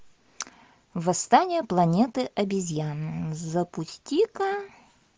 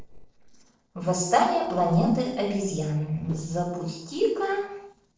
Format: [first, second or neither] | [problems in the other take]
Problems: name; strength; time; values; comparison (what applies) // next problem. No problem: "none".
first | noise reduction (neural separator model SepFormer DNS4)